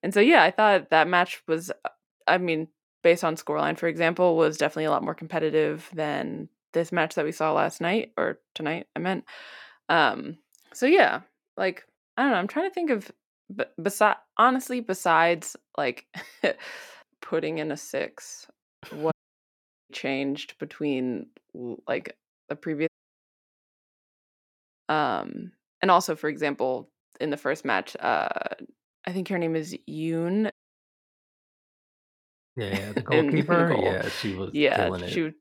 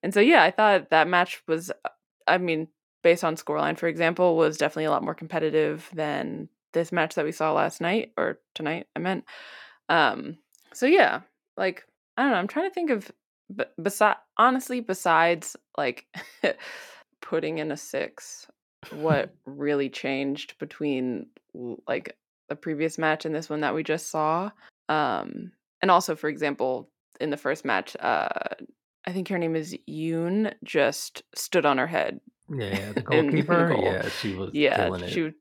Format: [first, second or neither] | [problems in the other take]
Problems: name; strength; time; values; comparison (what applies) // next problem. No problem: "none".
second | audio cutting out; at 19 s for 1 s, at 23 s for 2 s and at 31 s for 2 s